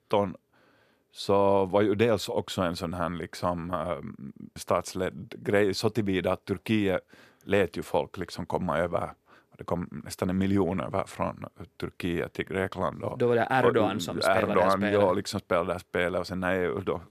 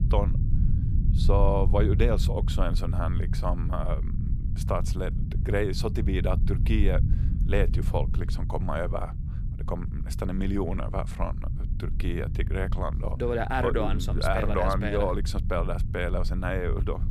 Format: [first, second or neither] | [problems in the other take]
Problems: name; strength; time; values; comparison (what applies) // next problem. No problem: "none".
first | low rumble; noticeable; throughout; 15 dB below the speech